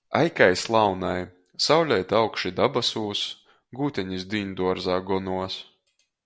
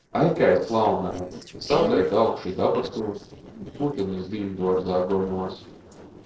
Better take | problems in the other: first | noise reduction (neural separator model SepFormer DNS4)

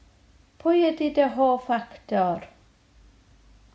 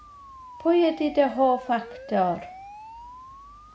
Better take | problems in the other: first | background sound (Siren); 17 dB below the speech

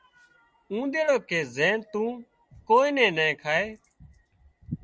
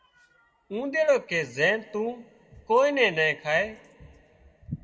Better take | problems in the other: first | room echo; dies away in 2.1 s

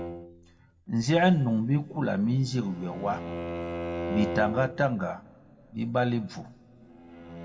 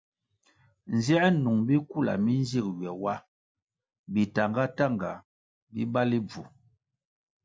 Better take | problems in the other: second | background sound (Bowed string instrument); 10 dB below the speech // room echo; dies away in 1.7 s

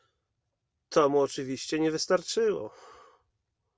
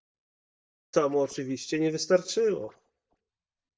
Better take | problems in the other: first | noise reduction (neural mask model DeepFilterNet 3)

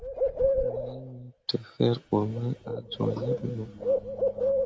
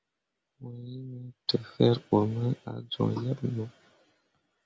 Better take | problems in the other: second | background sound (Bird); 2 dB above the speech

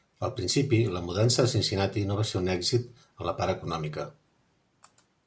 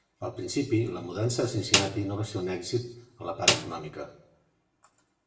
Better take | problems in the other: first | background sound (Snare drum); 1 dB above the speech // room echo; dies away in 0.7 s

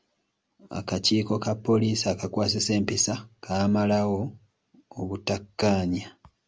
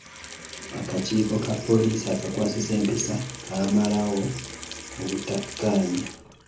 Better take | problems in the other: first | background sound (Sink (filling or washing) / Water tap, faucet); 12 dB below the speech // room echo; dies away in 0.7 s

